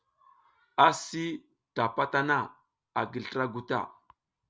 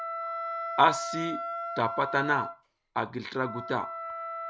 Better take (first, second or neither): first